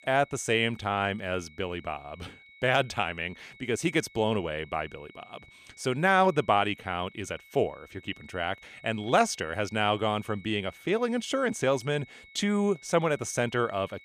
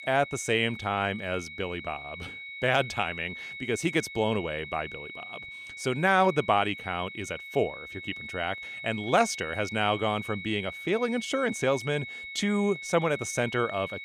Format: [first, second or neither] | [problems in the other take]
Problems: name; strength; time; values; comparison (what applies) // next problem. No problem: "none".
first | high-pitched whine; loud; throughout; 2 kHz, 10 dB below the speech; faint in the first